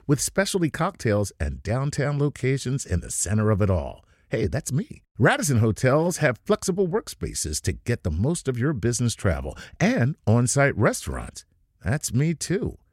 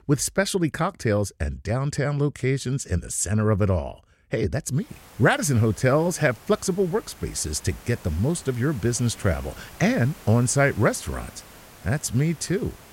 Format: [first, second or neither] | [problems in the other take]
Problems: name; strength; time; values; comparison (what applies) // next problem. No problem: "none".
first | hiss; faint; from 5 s on; 20 dB below the speech